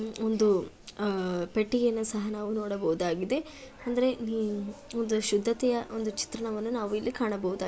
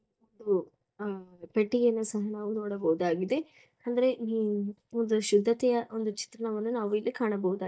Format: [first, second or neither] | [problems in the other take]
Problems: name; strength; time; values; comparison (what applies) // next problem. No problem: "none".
first | noise reduction (neural mask model DeepFilterNet 3)